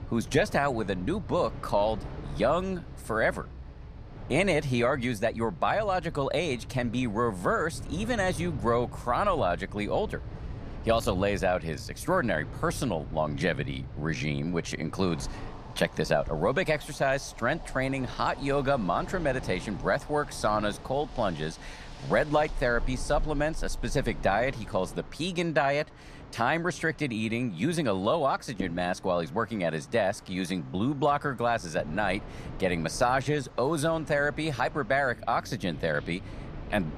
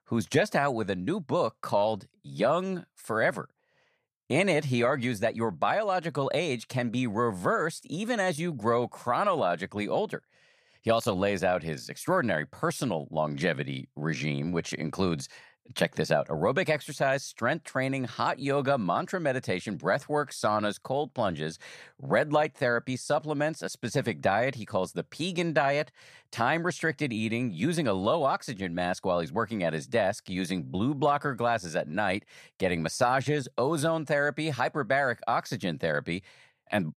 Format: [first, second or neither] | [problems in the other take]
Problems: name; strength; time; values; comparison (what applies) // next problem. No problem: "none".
second | wind in the background; noticeable; throughout; 15 dB below the speech